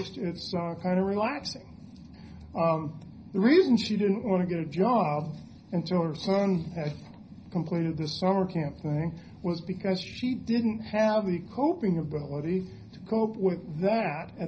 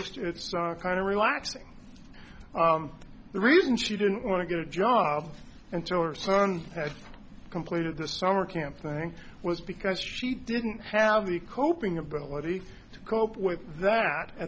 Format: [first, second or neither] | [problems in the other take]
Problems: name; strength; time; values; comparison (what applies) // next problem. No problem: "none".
second | room echo; dies away in 0.4 s